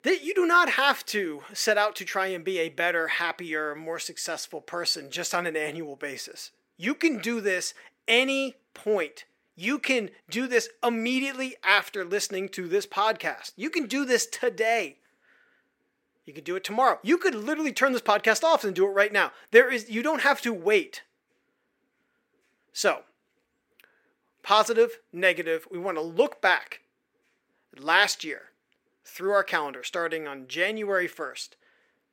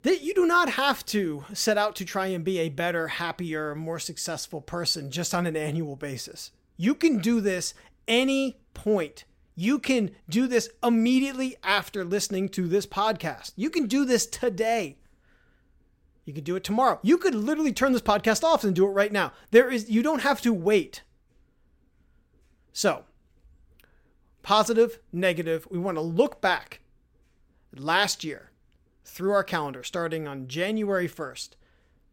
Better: second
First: thin; somewhat; fading below 400 Hz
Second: none

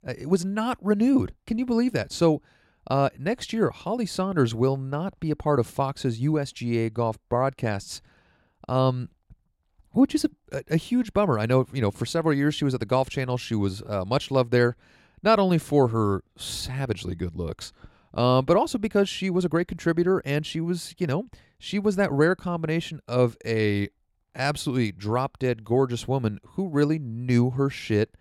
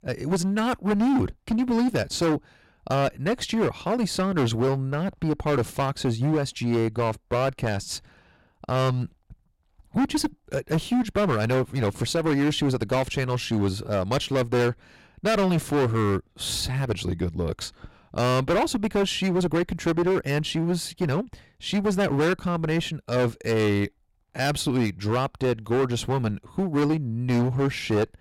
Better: first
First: none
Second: distortion; heavy; 14% of the sound clipped

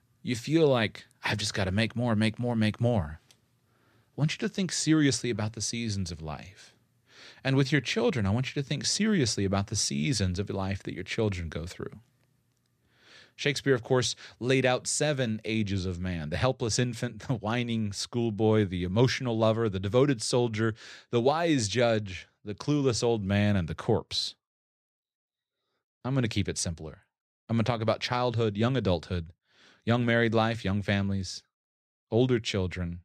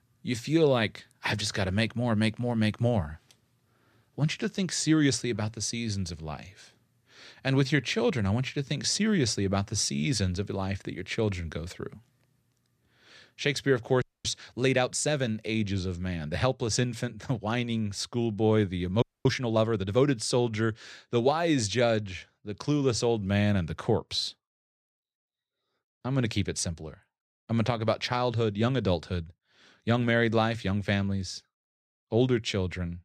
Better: first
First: none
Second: audio freezing; at 14 s and at 19 s

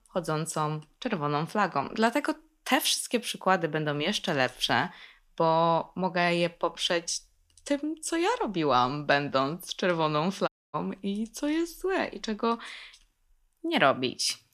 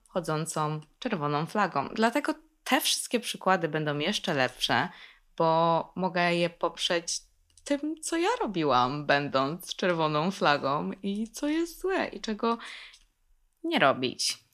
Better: second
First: audio cutting out; at 10 s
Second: none

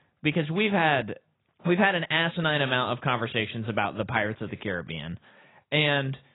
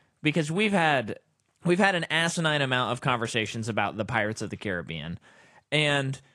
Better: second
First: garbled, watery; badly; nothing above 4 kHz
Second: garbled, watery; slightly

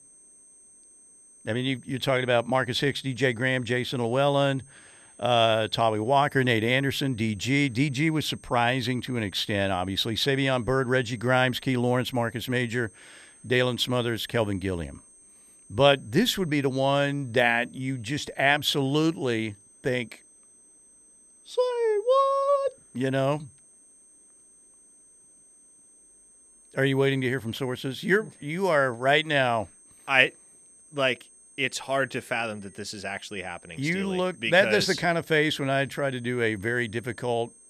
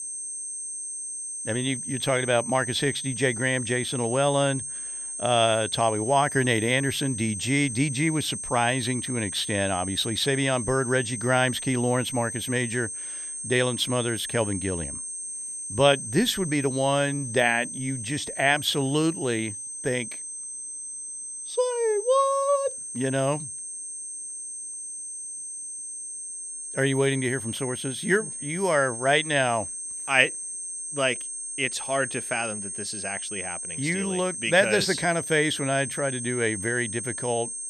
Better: first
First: high-pitched whine; faint; throughout; 8.5 kHz, 25 dB below the speech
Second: high-pitched whine; loud; throughout; 8.5 kHz, 6 dB below the speech

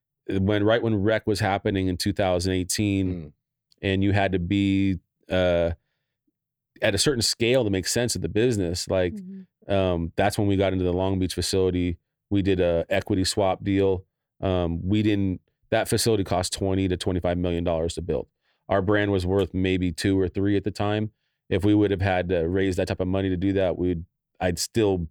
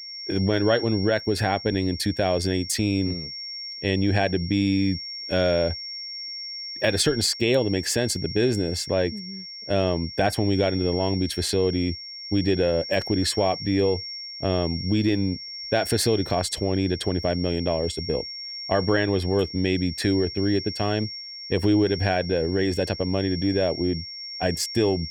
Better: first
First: none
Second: high-pitched whine; loud; throughout; 5.5 kHz, 9 dB below the speech

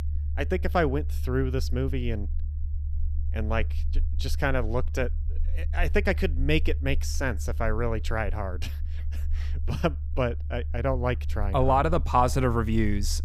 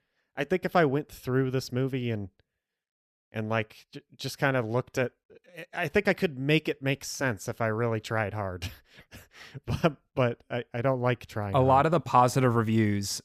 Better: second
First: low rumble; faint; throughout; 20 dB below the speech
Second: none

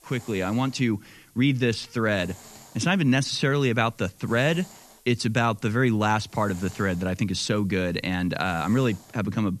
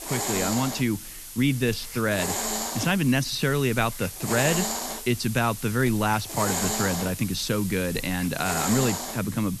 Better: first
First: hiss; faint; throughout; 25 dB below the speech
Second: hiss; loud; throughout; 4 dB below the speech

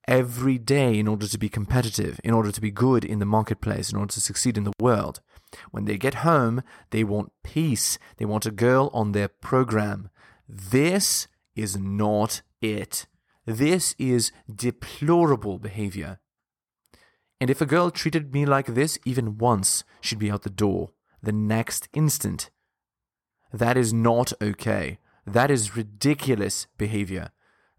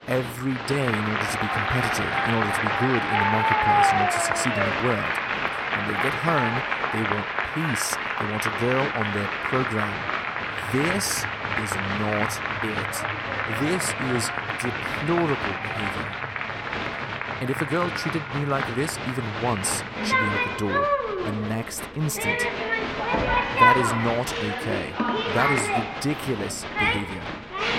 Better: first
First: none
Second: crowd noise; very loud; throughout; 3 dB above the speech

